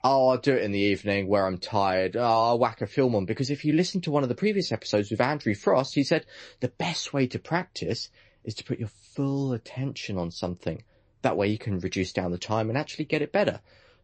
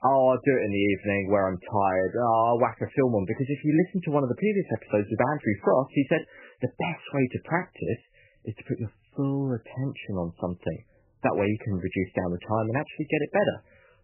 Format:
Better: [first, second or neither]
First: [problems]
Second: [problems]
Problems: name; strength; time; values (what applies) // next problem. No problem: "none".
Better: first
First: garbled, watery; slightly; nothing above 7.5 kHz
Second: garbled, watery; badly; nothing above 3 kHz